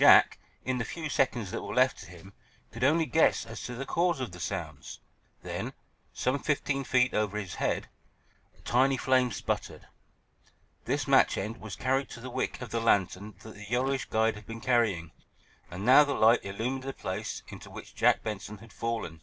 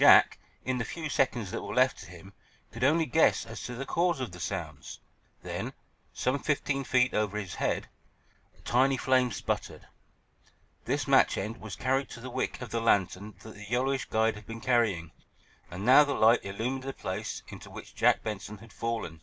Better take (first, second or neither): second